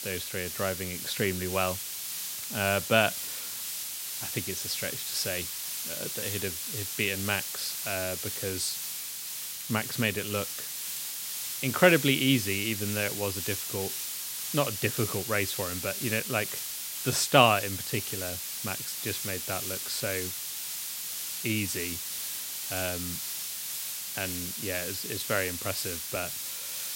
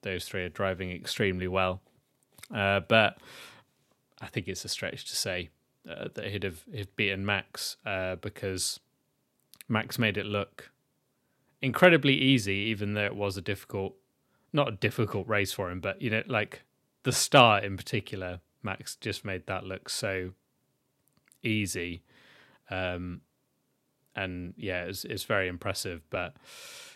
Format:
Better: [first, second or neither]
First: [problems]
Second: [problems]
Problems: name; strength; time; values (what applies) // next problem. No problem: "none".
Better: second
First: hiss; loud; throughout; 3 dB below the speech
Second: none